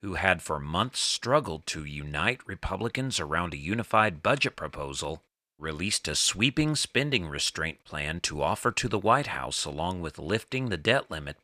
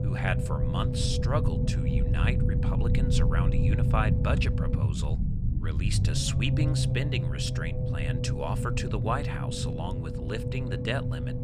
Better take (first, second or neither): first